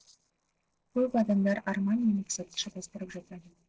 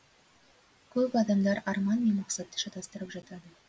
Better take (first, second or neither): second